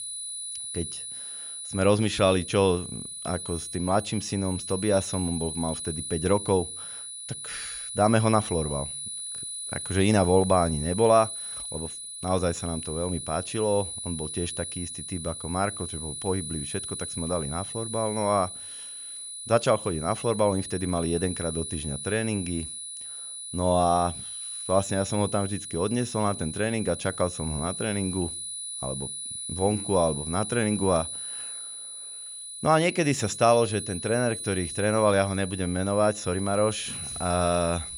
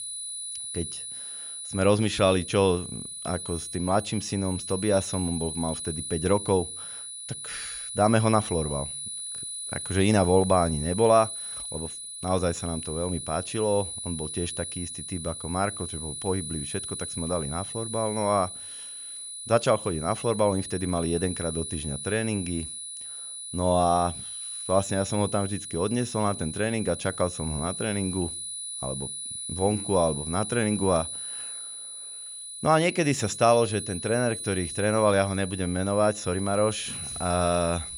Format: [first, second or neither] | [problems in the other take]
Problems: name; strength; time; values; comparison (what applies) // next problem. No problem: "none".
neither | high-pitched whine; loud; throughout; 10 kHz, 7 dB below the speech; the same in both